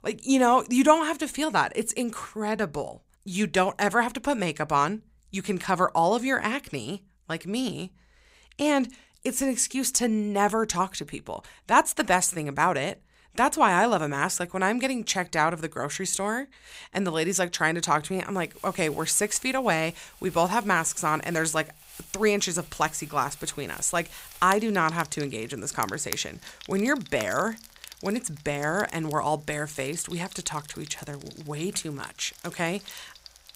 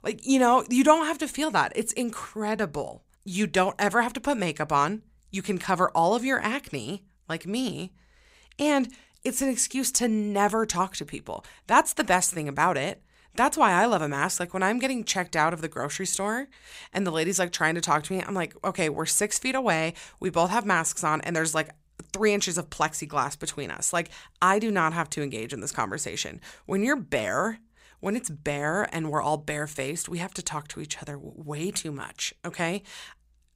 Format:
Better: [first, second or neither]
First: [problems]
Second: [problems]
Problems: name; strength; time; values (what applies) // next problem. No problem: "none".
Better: second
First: household noises; noticeable; from 18 s on; 20 dB below the speech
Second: none